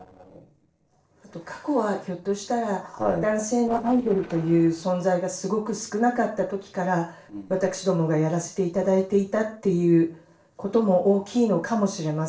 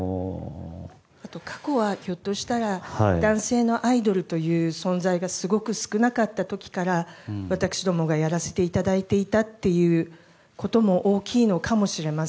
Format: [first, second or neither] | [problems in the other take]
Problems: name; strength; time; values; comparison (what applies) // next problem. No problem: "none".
second | noise reduction (neural separator model SepFormer DNS4)